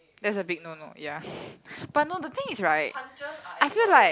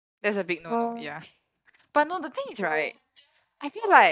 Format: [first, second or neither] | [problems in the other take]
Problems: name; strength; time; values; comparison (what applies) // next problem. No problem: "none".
first | noise reduction (neural mask model DeepFilterNet 3)